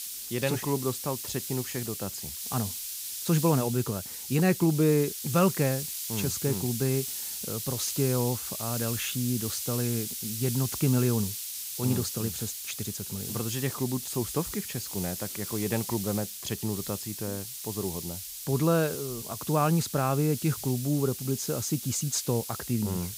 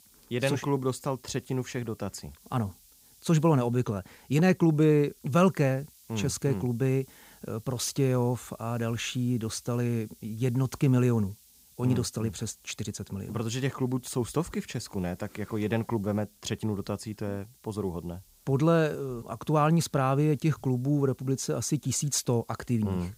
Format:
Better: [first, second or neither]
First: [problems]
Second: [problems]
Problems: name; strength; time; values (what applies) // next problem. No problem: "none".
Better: second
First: hiss; loud; throughout; 4 dB below the speech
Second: hiss; faint; throughout; 25 dB below the speech